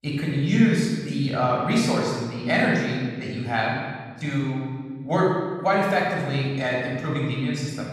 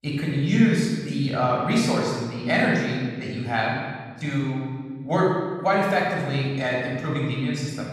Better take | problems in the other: neither | off-mic speech; far; the same in both // room echo; strong; dies away in 1.5 s; the same in both

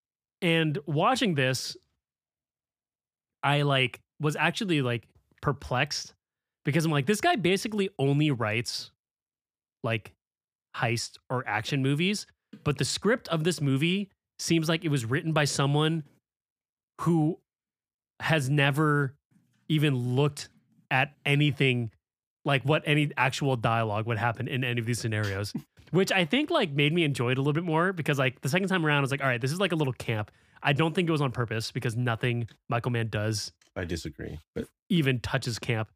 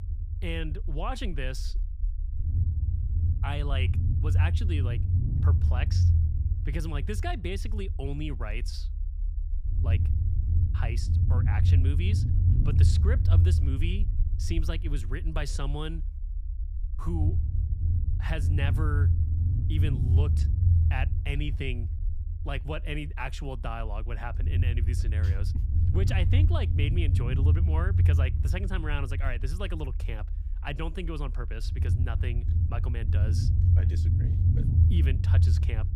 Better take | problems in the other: first | low rumble; loud; throughout; 3 dB below the speech

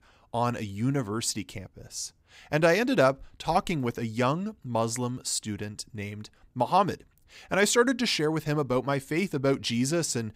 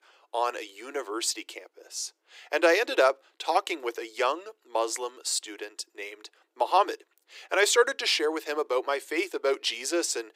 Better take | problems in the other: first | thin; very; fading below 350 Hz

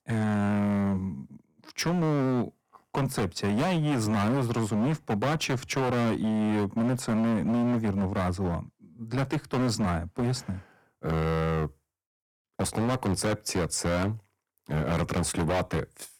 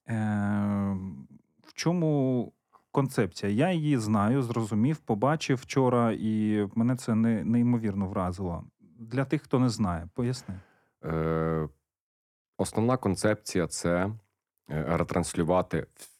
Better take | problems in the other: second | distortion; heavy; 24% of the sound clipped

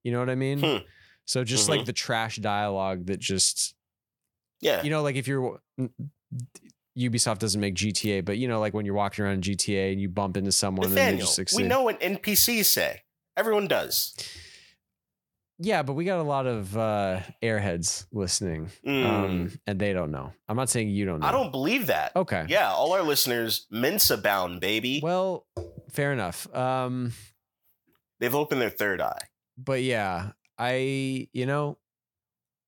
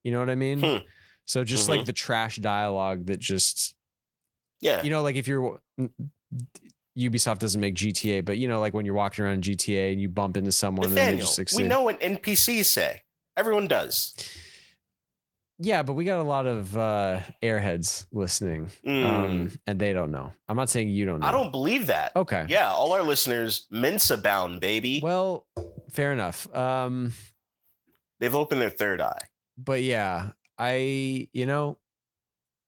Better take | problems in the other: first | garbled, watery; slightly; nothing above 18 kHz

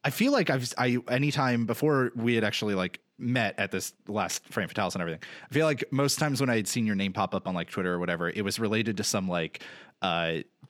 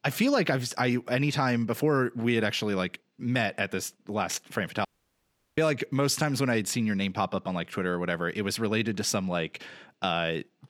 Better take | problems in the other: first | audio cutting out; at 5 s for 0.5 s

